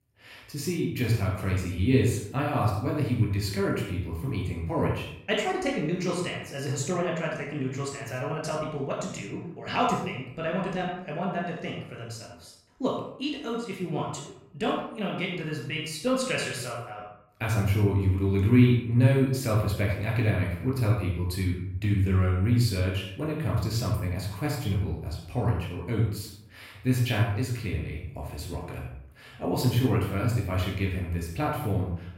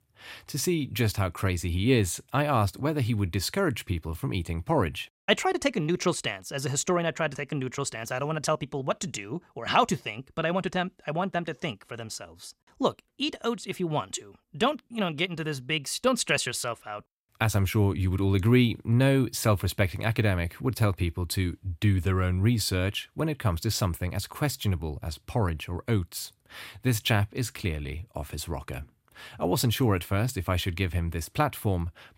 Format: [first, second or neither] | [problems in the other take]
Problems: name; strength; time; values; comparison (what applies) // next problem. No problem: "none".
second | off-mic speech; far // room echo; noticeable; dies away in 0.6 s